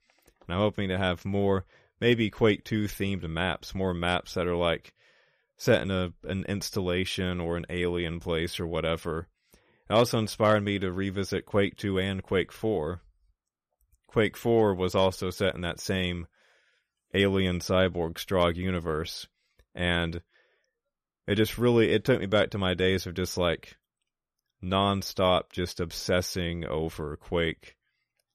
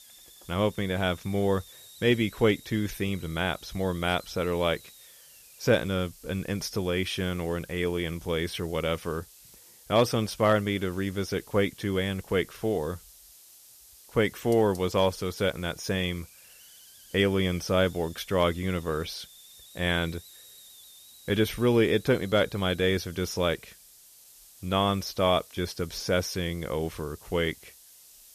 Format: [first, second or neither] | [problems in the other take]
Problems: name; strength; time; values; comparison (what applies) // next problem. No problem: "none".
first | hiss; faint; throughout; 20 dB below the speech